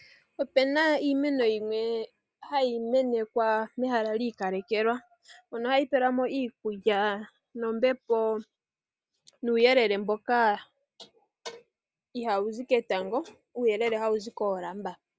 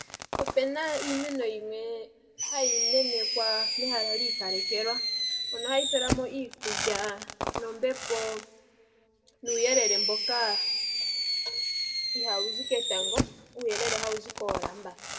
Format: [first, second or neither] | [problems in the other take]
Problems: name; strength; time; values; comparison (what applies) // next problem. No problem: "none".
first | background sound (Fireworks); 1 dB above the speech // room echo; dies away in 1.3 s